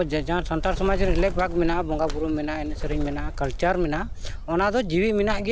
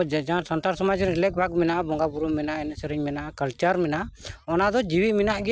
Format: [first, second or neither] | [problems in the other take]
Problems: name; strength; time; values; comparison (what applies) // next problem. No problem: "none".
second | background sound (Bird); 4 dB below the speech